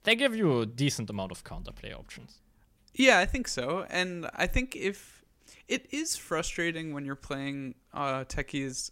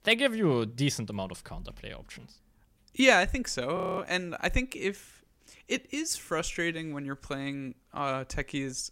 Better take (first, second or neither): first